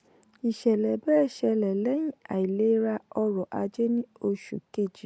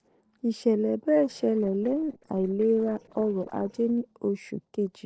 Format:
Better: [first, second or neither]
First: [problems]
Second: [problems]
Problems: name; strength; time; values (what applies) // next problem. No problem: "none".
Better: first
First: none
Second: noise reduction (neural separator model SepFormer DNS4)